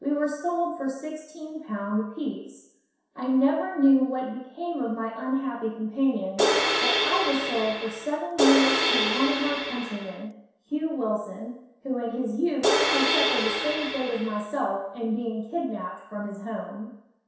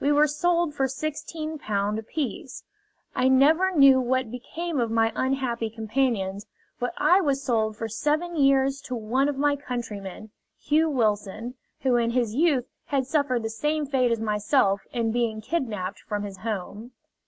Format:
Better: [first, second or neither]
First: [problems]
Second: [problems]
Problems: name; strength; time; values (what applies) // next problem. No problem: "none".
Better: second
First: background sound (Crash cymbal); 2 dB above the speech // room echo; dies away in 0.7 s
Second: none